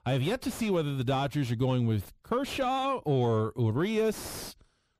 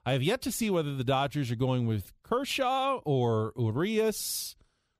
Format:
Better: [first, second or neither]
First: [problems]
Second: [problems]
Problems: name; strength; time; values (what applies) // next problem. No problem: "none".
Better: second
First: distortion; slight; 10 dB below the speech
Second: none